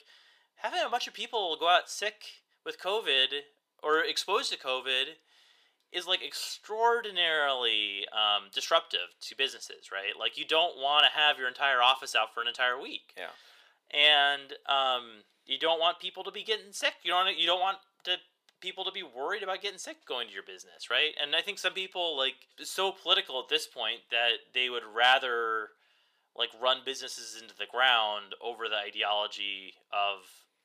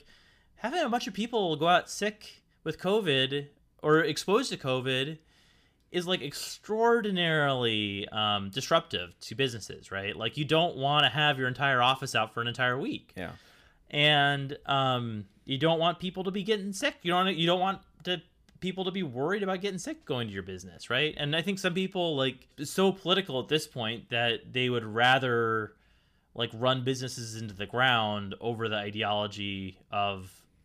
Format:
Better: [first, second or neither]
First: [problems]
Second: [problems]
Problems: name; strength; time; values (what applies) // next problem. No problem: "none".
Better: second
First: thin; very; fading below 500 Hz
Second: none